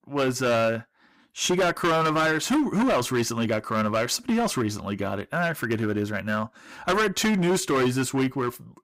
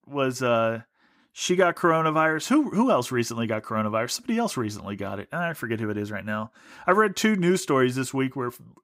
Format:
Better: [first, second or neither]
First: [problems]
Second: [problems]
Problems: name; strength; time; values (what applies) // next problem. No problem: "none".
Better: second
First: distortion; heavy; 14% of the sound clipped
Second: none